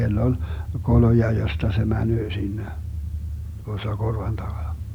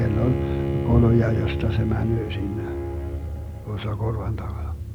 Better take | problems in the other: first | background sound (Bowed string instrument); 7 dB below the speech

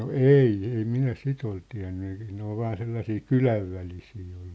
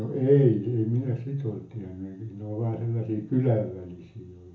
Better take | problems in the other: first | room echo; dies away in 0.5 s

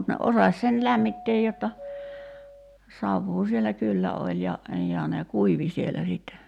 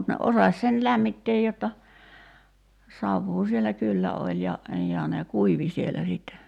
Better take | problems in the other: second | background sound (Doorbell); 15 dB below the speech

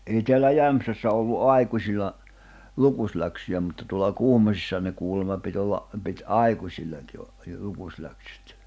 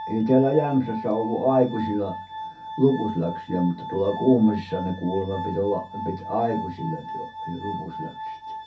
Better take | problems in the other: first | background sound (Glass); 10 dB below the speech // room echo; dies away in 0.3 s

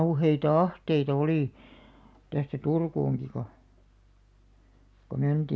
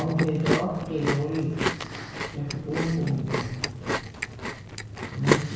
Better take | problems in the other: first | background sound (Chewing, mastication); 1 dB below the speech // room echo; dies away in 1 s

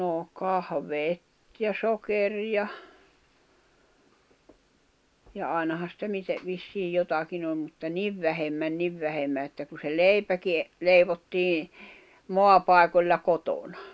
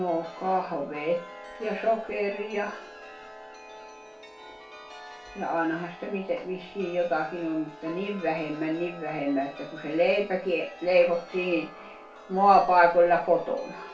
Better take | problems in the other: first | background sound (Chime); 17 dB below the speech // room echo; dies away in 0.3 s

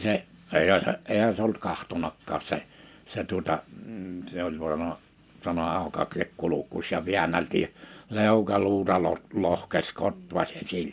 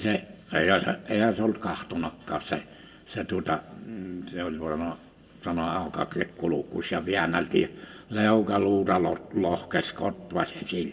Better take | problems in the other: first | room echo; dies away in 1.1 s

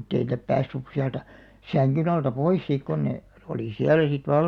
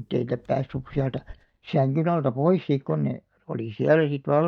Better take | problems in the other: first | noise reduction (neural mask model DeepFilterNet 3)

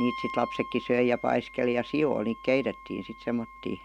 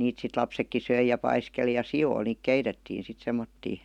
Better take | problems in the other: second | background sound (Wind instrument, woodwind instrument); 14 dB below the speech

